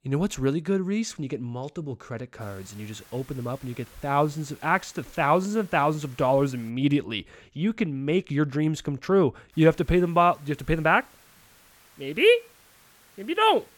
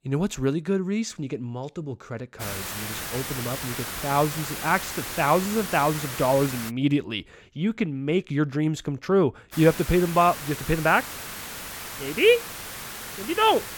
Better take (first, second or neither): first